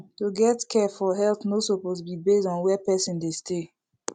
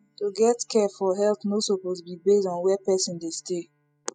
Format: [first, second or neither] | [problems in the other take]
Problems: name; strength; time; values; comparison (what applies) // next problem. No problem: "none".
first | noise reduction (classical method spectral subtraction)